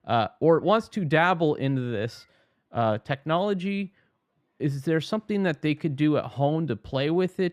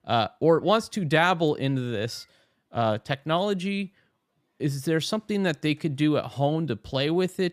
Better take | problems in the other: second | muffled; slightly; fading above 3.5 kHz

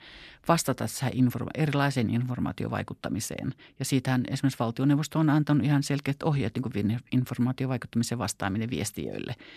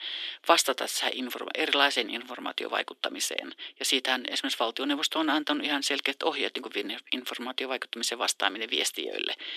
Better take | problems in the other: first | thin; very; fading below 350 Hz

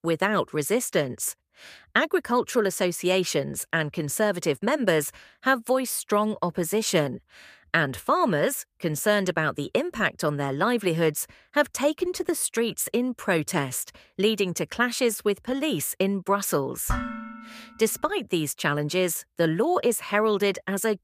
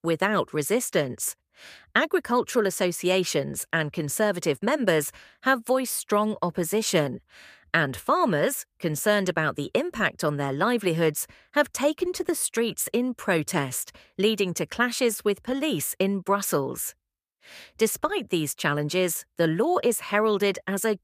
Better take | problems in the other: second | clattering dishes; noticeable; at 17 s; peak 5 dB below the speech

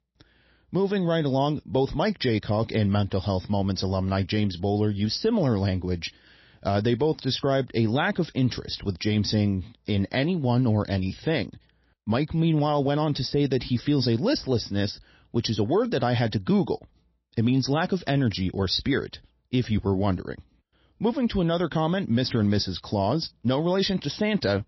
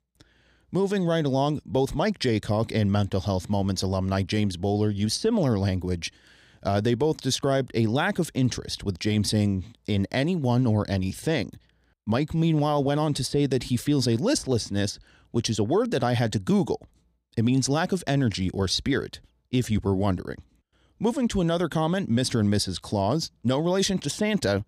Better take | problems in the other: second | garbled, watery; slightly; nothing above 5.5 kHz

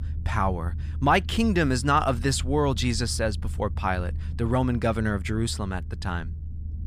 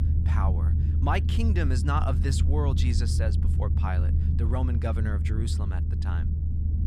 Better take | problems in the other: first | low rumble; loud; throughout; 7 dB below the speech; faint in the first

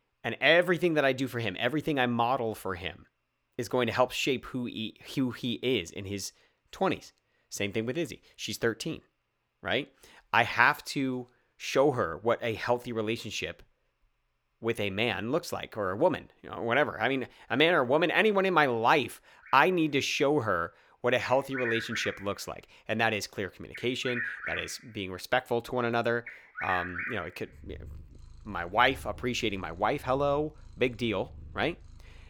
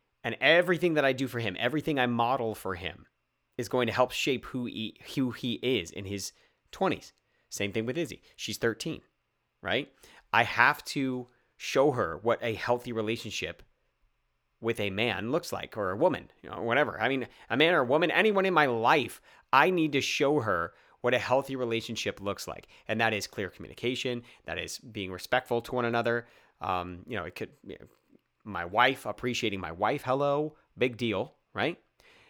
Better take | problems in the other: second | animal sounds; loud; from 20 s on; 10 dB below the speech

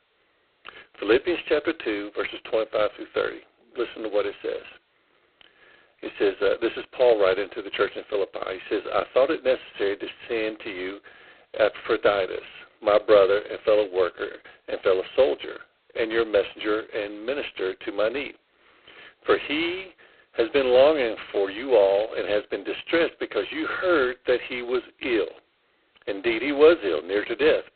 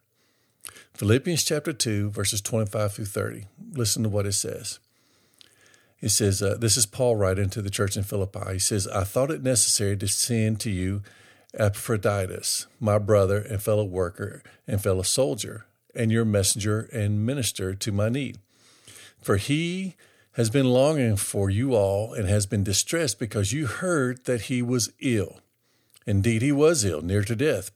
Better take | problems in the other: second | phone-call audio; poor line; nothing above 4 kHz

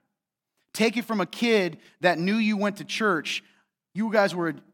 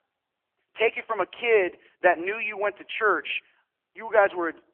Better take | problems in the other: first | phone-call audio; poor line; nothing above 3 kHz

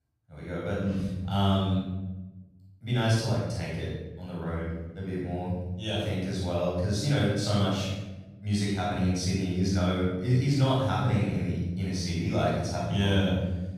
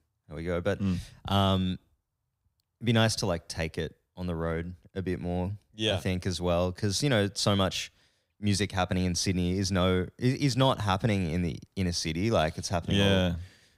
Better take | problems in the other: second | off-mic speech; far // room echo; strong; dies away in 1.1 s

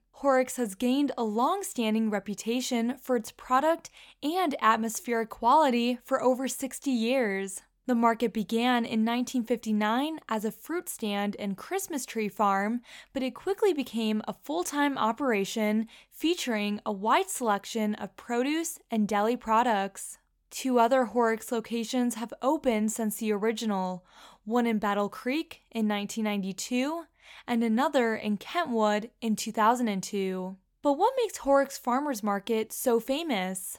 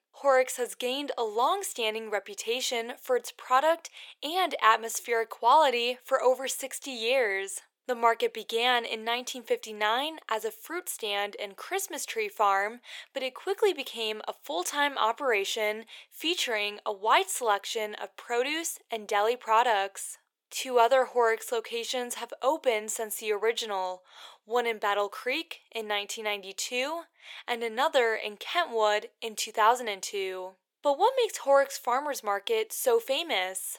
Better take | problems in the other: first | thin; very; fading below 400 Hz

